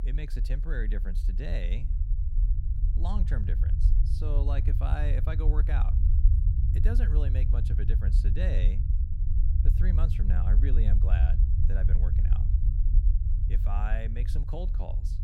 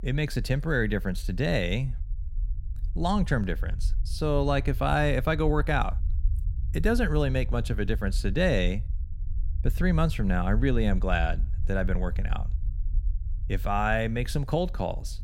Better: second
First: low rumble; loud; throughout; 4 dB below the speech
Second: low rumble; faint; throughout; 25 dB below the speech

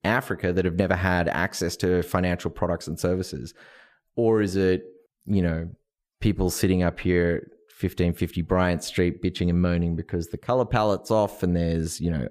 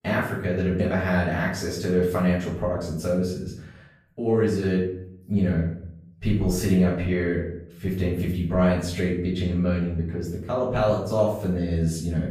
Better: first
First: none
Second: off-mic speech; far // room echo; noticeable; dies away in 0.6 s

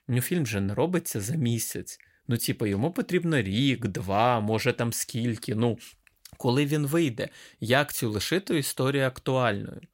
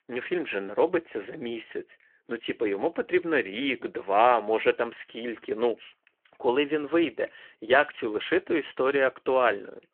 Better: first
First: none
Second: phone-call audio

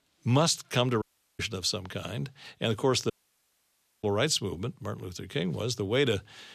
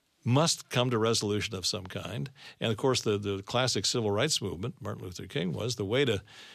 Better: second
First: audio cutting out; at 1 s and at 3 s for 1 s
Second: none

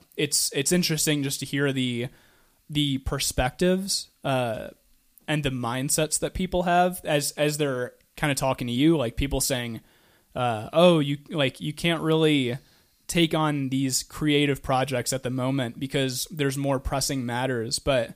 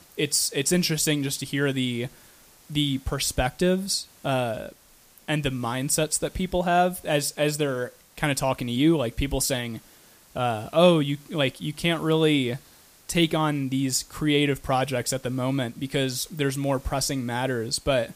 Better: first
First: none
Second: hiss; faint; throughout; 30 dB below the speech

